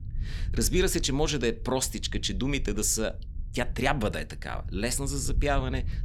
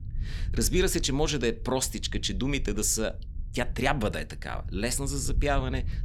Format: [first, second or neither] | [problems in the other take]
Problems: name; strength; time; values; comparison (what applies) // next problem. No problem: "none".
neither | low rumble; faint; throughout; 25 dB below the speech; the same in both